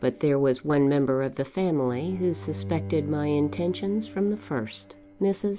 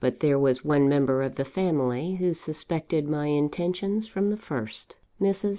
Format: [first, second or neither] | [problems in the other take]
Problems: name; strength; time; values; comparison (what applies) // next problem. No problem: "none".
second | background sound (Bowed string instrument); 14 dB below the speech